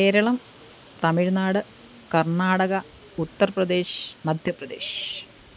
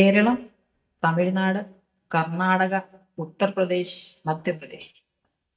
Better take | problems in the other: first | noise reduction (neural mask model DeepFilterNet 3)

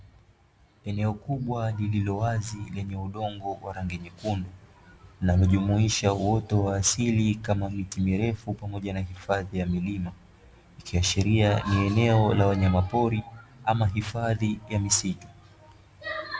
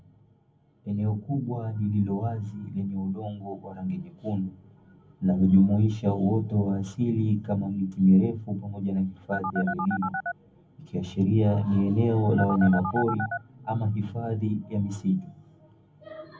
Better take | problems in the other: first | background sound (Telephone); 5 dB below the speech // room echo; dies away in 0.3 s

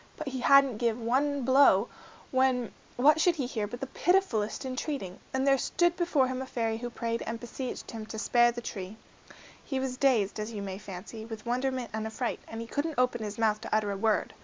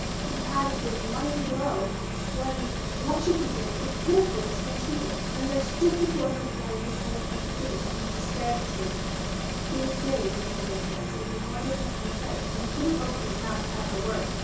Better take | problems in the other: first | background sound (Engine); 1 dB above the speech // room echo; dies away in 0.6 s

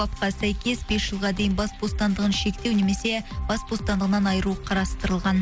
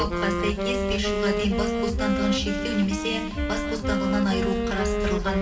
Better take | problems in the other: first | background sound (Wind instrument, woodwind instrument); 1 dB below the speech // room echo; dies away in 1.8 s

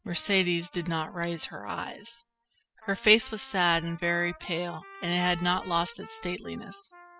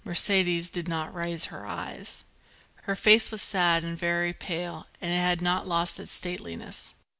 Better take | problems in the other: second | noise reduction (classical method spectral subtraction)

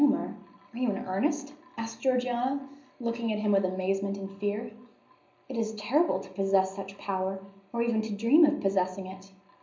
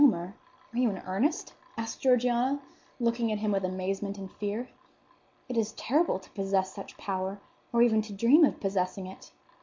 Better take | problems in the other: second | room echo; dies away in 0.5 s

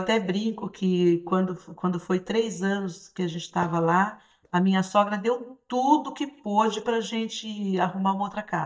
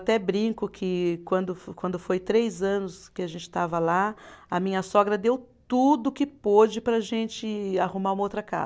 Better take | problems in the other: second | noise reduction (neural mask model DeepFilterNet 3)

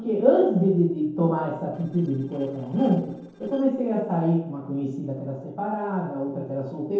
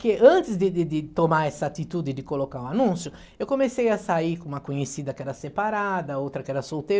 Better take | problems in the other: second | noise reduction (neural separator model SepFormer DNS4)

